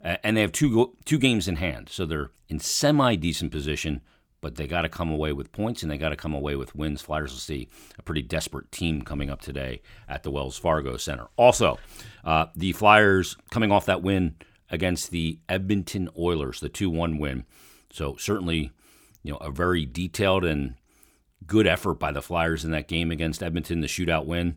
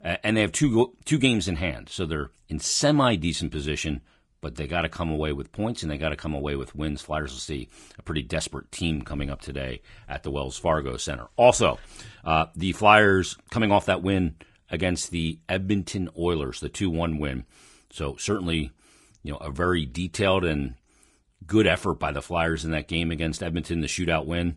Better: first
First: none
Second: garbled, watery; slightly; nothing above 10 kHz

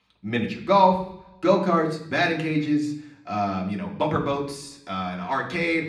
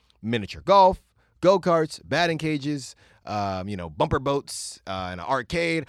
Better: second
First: room echo; slight; dies away in 0.8 s // off-mic speech; somewhat distant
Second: none

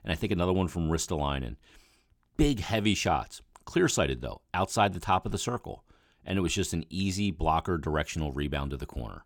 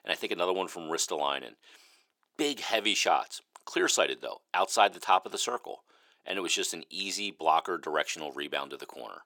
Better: first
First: none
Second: thin; very; fading below 400 Hz

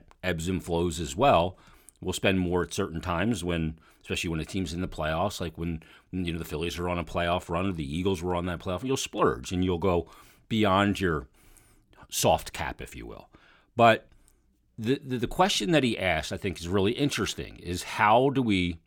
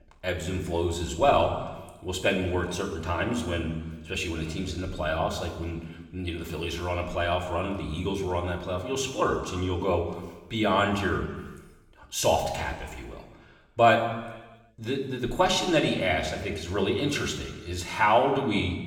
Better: first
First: none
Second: room echo; slight; dies away in 1.2 s // off-mic speech; somewhat distant

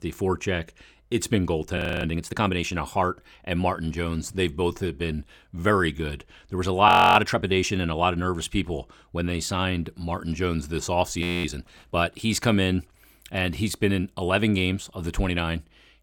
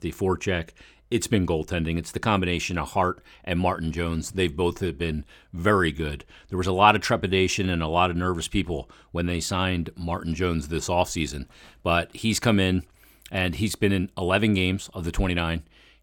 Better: second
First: audio freezing; at 2 s, at 7 s and at 11 s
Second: none

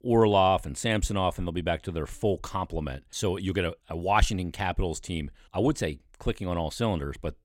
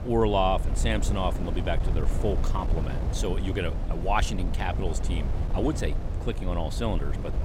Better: first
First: none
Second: wind noise on the microphone; occasional gusts; 10 dB below the speech

